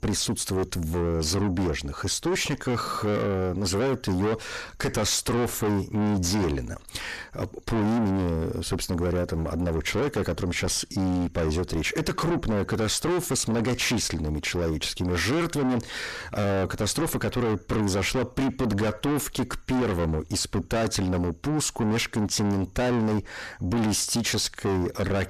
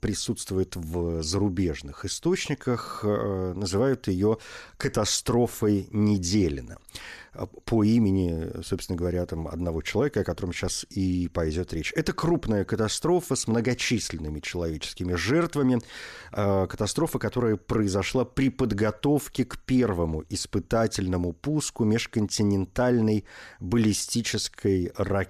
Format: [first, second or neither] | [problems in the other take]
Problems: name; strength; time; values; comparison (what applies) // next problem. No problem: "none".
second | distortion; heavy; 6 dB below the speech